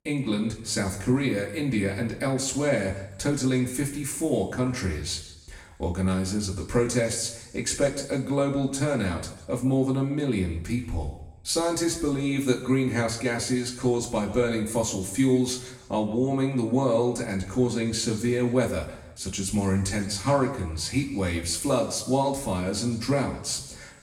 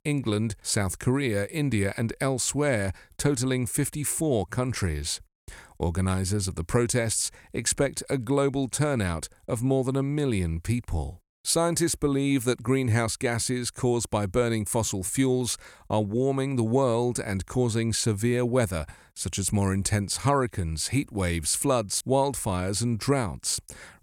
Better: second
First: room echo; slight; dies away in 0.9 s // off-mic speech; far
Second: none

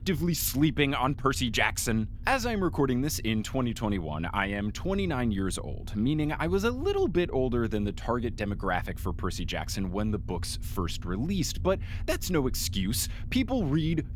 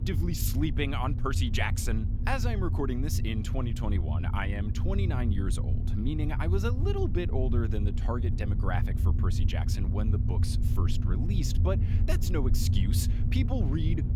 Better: first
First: low rumble; faint; throughout; 25 dB below the speech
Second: low rumble; loud; throughout; 7 dB below the speech

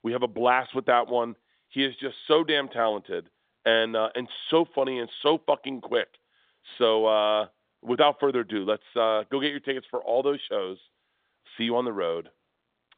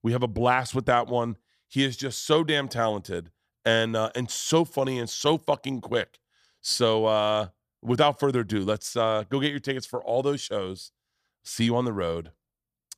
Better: second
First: phone-call audio; nothing above 3.5 kHz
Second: none

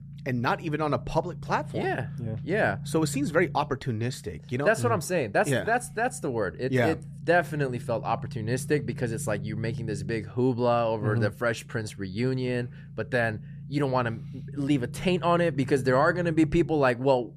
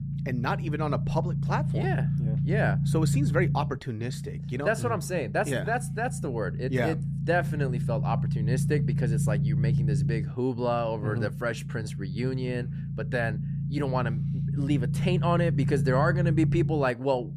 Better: first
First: low rumble; faint; throughout; 25 dB below the speech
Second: low rumble; loud; throughout; 9 dB below the speech

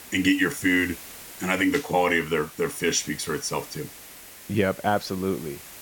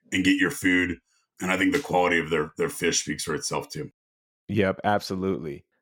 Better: second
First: hiss; noticeable; throughout; 15 dB below the speech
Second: none

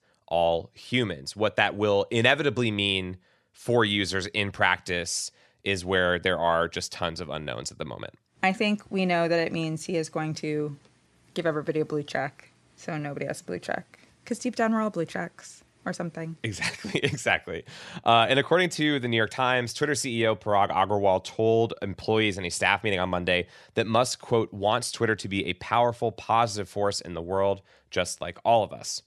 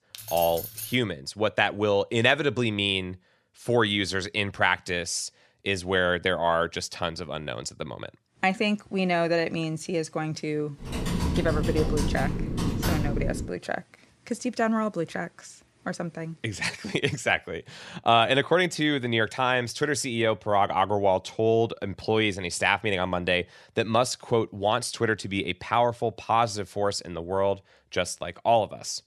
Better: first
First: none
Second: jangling keys; noticeable; at the start; peak 7 dB below the speech // keyboard typing; noticeable; from 11 to 13 s; peak 1 dB below the speech

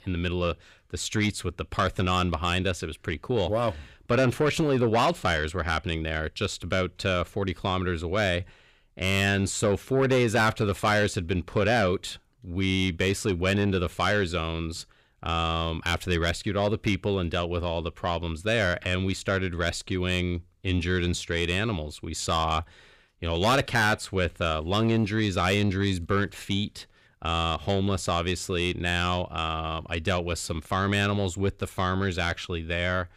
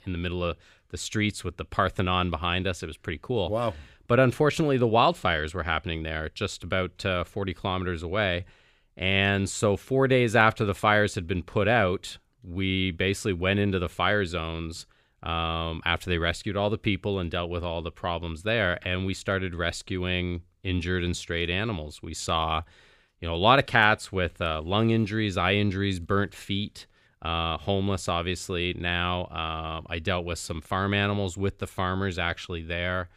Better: second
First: distortion; slight; 10 dB below the speech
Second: none

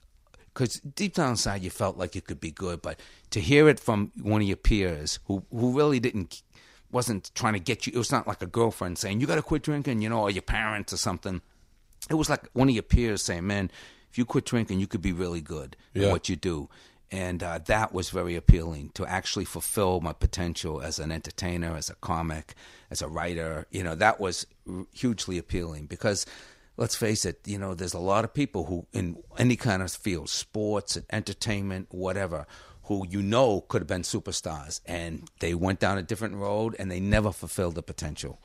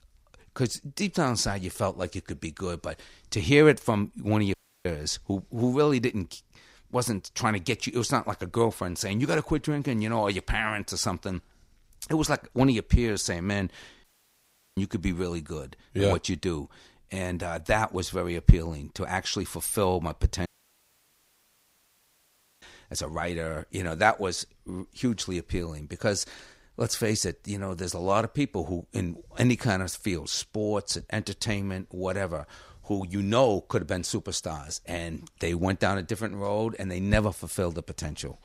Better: first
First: none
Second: audio cutting out; at 4.5 s, at 14 s for 0.5 s and at 20 s for 2 s

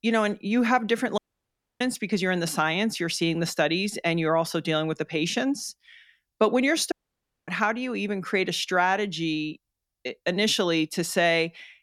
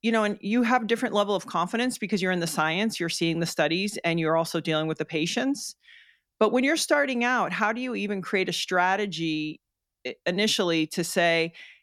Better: second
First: audio cutting out; at 1 s for 0.5 s and at 7 s for 0.5 s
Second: none

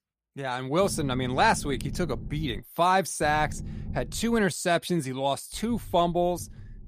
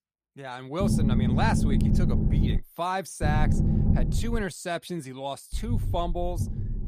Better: first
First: low rumble; faint; from 1 to 2.5 s, from 3 to 4.5 s and from 5.5 s on; 25 dB below the speech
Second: low rumble; loud; from 1 to 2.5 s, from 3 to 4.5 s and from 5.5 s on; 3 dB below the speech

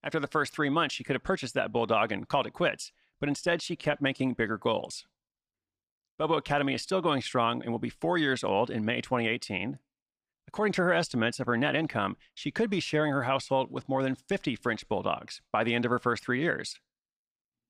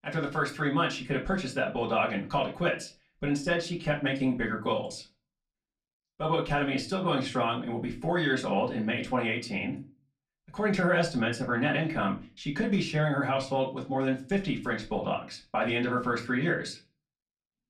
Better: first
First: none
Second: off-mic speech; far // room echo; very slight; dies away in 0.3 s

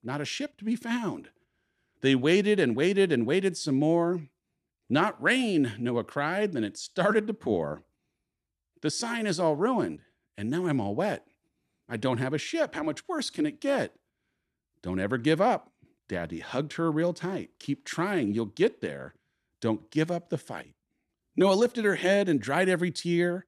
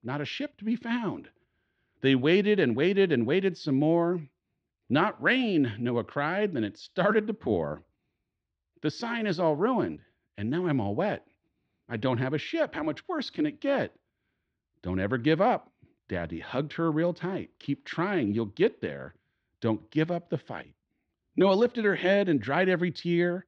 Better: first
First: none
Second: muffled; very slightly; fading above 4 kHz

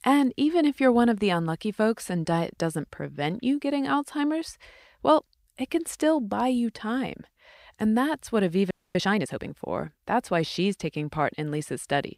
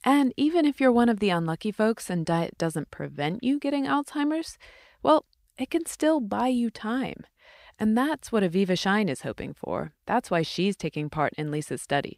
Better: second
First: audio freezing; at 8.5 s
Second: none

